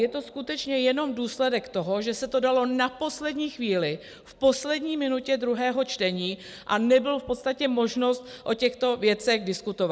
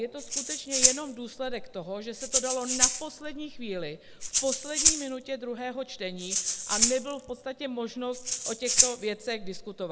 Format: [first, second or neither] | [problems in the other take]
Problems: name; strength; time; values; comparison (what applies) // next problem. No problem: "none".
first | background sound (Rattle (instrument)); 5 dB above the speech